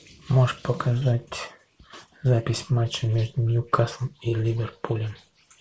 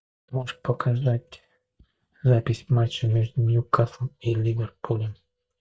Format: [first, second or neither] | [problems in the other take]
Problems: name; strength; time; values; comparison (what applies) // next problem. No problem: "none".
first | noise reduction (neural mask model DeepFilterNet 3)